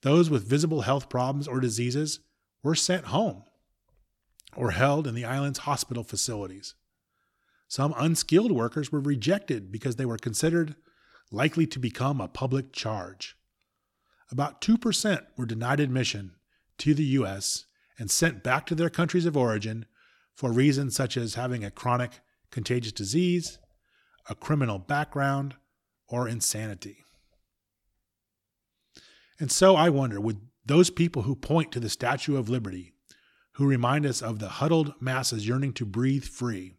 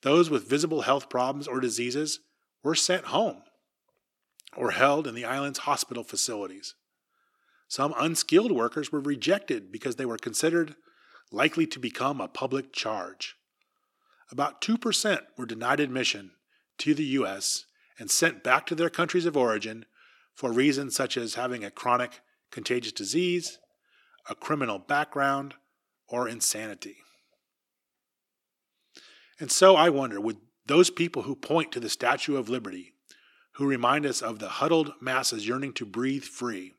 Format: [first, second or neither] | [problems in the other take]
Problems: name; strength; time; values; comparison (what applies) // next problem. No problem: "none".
first | thin; somewhat; fading below 350 Hz